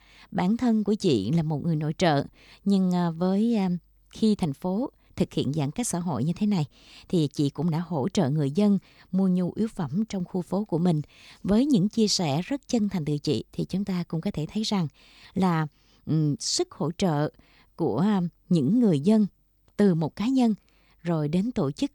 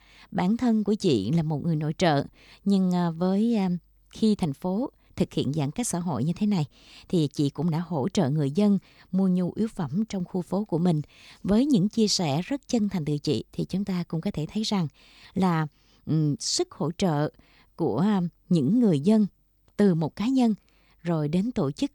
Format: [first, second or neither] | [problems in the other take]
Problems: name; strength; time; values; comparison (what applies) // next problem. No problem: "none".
neither | none